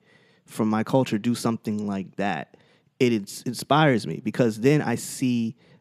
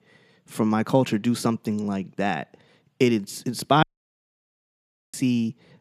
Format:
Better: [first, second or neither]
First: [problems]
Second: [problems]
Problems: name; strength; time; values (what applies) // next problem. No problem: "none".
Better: first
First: none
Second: audio cutting out; at 4 s for 1.5 s